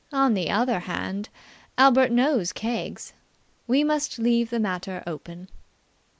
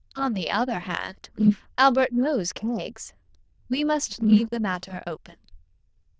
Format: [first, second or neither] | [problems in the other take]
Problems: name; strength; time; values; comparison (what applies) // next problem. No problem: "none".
first | noise reduction (neural diffusion model UNIVERSE++)